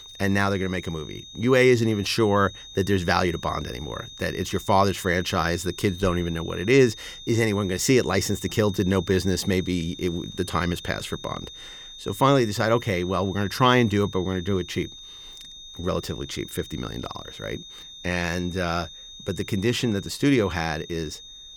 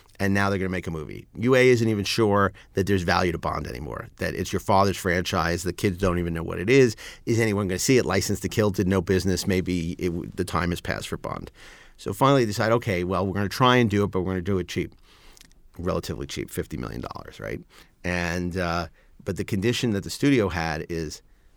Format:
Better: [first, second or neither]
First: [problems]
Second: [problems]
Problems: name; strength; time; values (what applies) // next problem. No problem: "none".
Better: second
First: high-pitched whine; noticeable; throughout; 3.5 kHz, 15 dB below the speech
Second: none